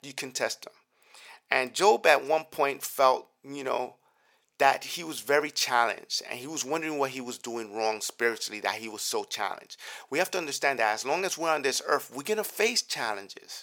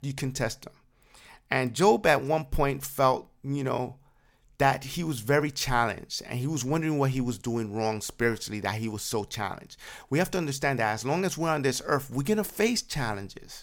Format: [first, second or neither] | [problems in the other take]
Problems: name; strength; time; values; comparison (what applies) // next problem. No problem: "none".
second | thin; somewhat; fading below 500 Hz